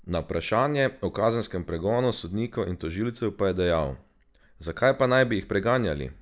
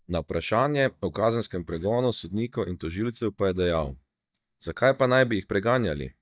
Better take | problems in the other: first | noise reduction (neural mask model DeepFilterNet 3)

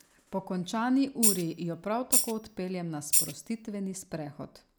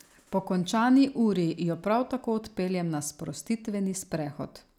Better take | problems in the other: second | background sound (Tambourine); 3 dB above the speech

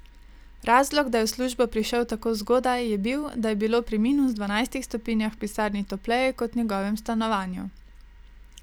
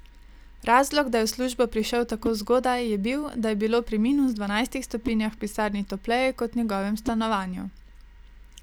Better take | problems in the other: first | background sound (Whoosh, swoosh, swish); 17 dB below the speech

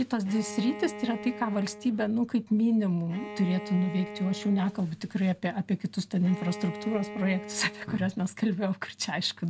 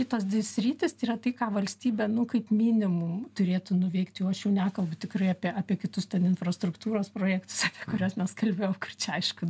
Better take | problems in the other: second | background sound (Bowed string instrument); 13 dB below the speech

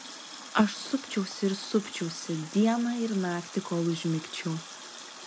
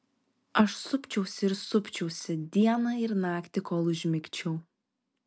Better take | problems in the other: second | background sound (Water tap, faucet); 14 dB below the speech

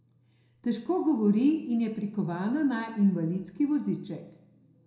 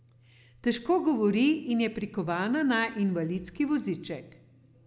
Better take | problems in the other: second | room echo; dies away in 0.6 s

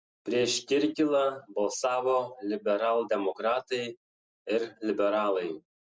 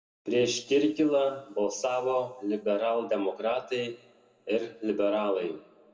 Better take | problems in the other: first | room echo; dies away in 1.1 s

